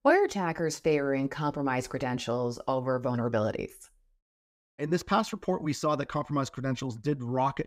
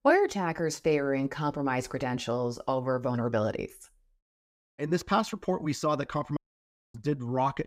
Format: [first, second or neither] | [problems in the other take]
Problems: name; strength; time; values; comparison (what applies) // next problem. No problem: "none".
first | audio cutting out; at 6.5 s for 0.5 s